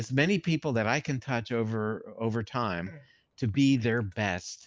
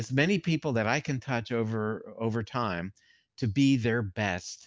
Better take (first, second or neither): second